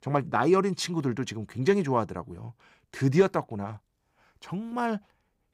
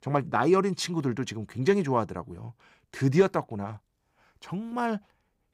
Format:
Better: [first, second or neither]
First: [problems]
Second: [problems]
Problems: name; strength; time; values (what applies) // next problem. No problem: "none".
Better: neither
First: none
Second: none